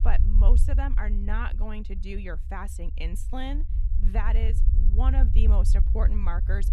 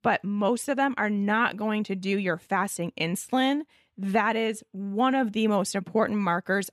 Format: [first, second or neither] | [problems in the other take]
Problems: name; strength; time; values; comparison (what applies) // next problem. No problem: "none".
second | low rumble; loud; throughout; 9 dB below the speech